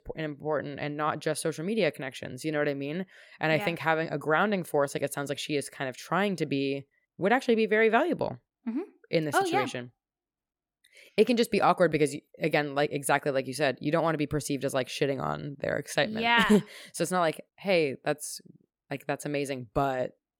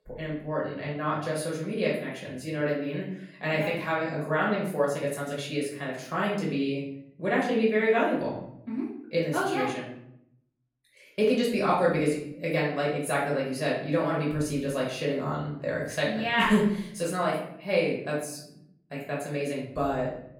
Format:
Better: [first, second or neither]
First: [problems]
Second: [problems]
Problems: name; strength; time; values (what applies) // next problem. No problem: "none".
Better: first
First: none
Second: off-mic speech; far // room echo; noticeable; dies away in 0.7 s